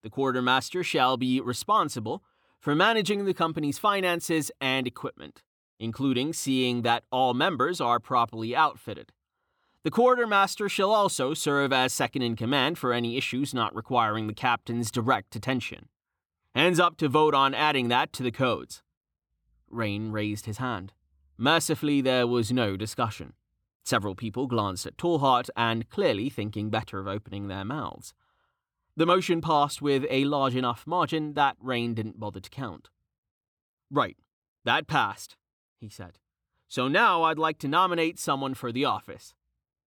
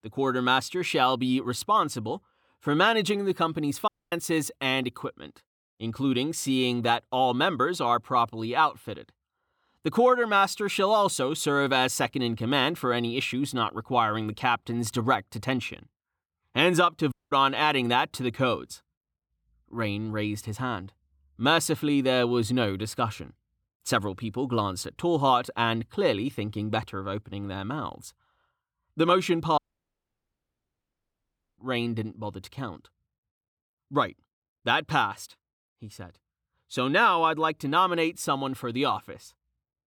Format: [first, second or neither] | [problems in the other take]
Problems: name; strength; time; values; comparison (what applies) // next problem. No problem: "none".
first | audio cutting out; at 4 s, at 17 s and at 30 s for 2 s